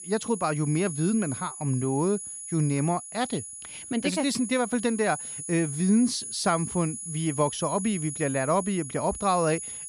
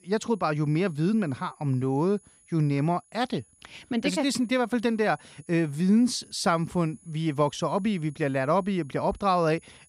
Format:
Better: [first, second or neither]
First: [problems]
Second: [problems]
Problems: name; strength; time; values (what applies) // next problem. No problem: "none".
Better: second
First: high-pitched whine; loud; throughout; 10 kHz, 8 dB below the speech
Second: high-pitched whine; faint; throughout; 10 kHz, 30 dB below the speech